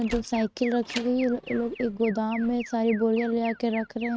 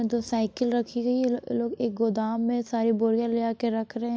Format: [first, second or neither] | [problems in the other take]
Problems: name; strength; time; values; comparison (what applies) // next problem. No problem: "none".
second | noise reduction (neural mask model RNNoise)